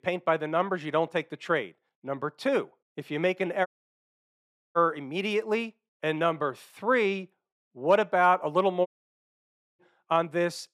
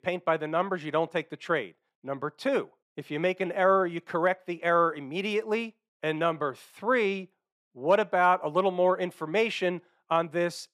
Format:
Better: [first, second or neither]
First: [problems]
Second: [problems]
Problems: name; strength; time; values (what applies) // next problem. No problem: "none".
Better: second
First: audio cutting out; at 3.5 s for 1 s and at 9 s for 1 s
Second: none